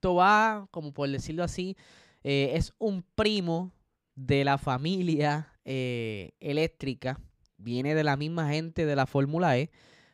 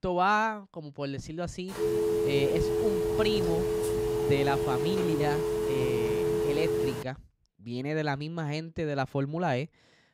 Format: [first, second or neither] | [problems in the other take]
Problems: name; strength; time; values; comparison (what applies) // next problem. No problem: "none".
first | phone ringing; loud; from 1.5 to 7 s; peak 5 dB above the speech